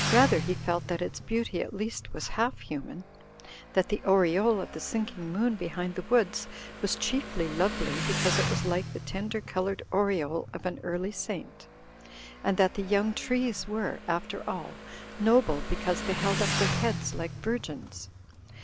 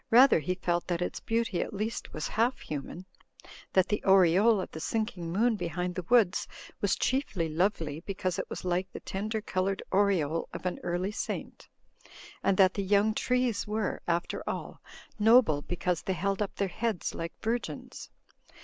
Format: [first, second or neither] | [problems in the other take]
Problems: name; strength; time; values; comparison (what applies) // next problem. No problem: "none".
second | background sound (Motorcycle); 7 dB below the speech